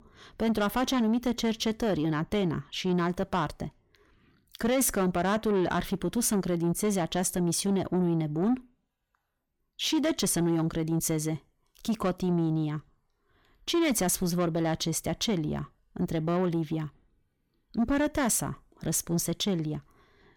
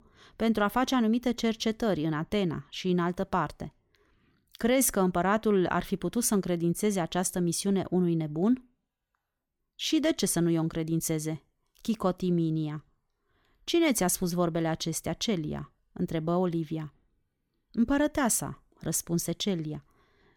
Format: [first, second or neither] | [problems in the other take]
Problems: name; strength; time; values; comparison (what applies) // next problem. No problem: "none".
second | distortion; slight; 10 dB below the speech